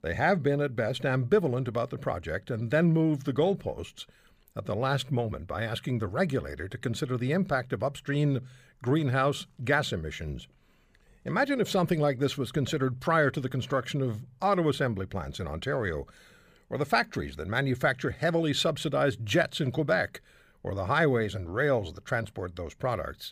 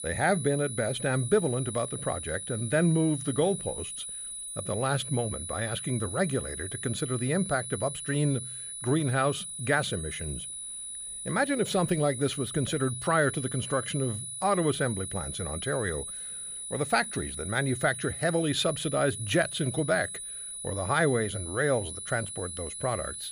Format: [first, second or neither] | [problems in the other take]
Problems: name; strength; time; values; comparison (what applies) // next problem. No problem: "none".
first | high-pitched whine; loud; throughout; 10 kHz, 6 dB below the speech